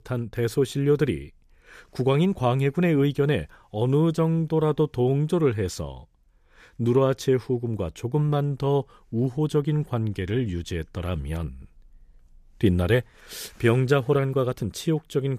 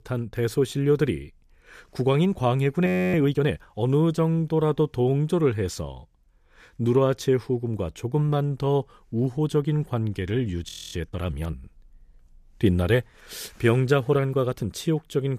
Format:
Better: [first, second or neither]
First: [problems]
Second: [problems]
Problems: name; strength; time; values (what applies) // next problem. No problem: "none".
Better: first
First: none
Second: audio freezing; at 3 s and at 11 s